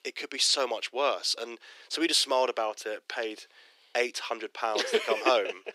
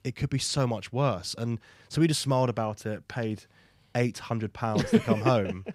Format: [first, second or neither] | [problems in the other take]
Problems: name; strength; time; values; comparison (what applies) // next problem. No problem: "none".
second | thin; very; fading below 350 Hz